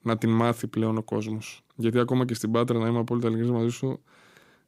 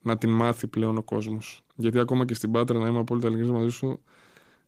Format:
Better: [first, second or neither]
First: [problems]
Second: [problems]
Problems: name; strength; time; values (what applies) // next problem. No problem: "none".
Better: first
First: none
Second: garbled, watery; slightly; nothing above 15.5 kHz